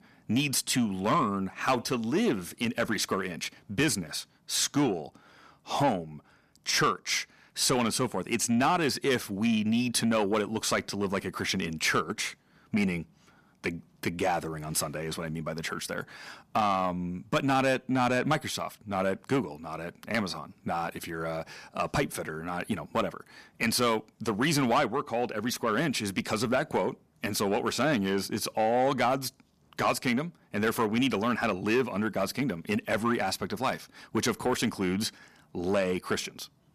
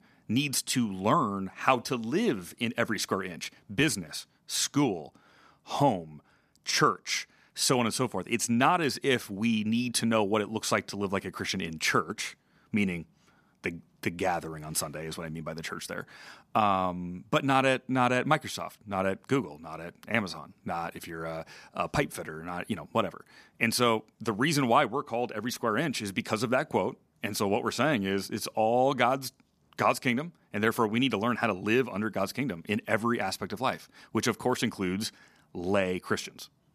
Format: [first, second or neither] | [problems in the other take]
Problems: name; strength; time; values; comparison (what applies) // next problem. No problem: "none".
second | distortion; slight; 10 dB below the speech